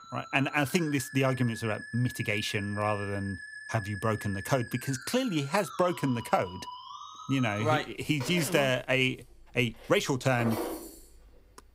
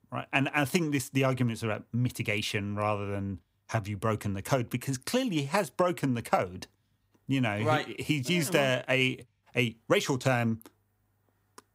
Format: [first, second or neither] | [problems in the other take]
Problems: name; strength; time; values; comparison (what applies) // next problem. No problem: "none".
second | background music; noticeable; throughout; 15 dB below the speech